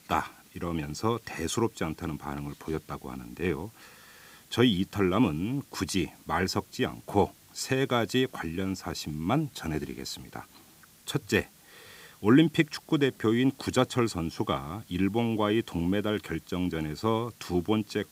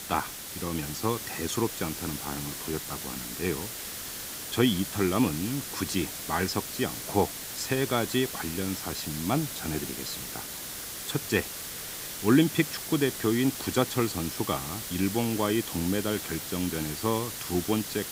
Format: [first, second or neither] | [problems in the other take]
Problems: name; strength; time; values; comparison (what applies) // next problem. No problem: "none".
first | hiss; loud; throughout; 5 dB below the speech; faint in the first